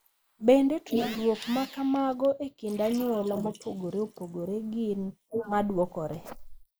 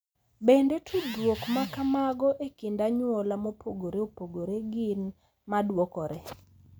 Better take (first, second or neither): second